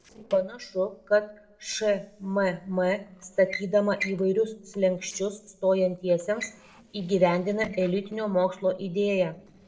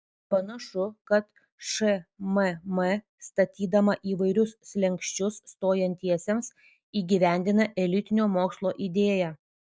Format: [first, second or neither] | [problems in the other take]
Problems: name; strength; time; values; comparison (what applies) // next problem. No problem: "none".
second | noise reduction (neural separator model SepFormer DNS4)